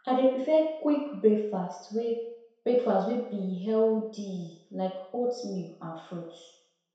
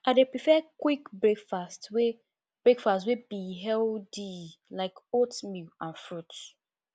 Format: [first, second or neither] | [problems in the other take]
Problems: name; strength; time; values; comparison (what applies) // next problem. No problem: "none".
second | room echo; dies away in 0.7 s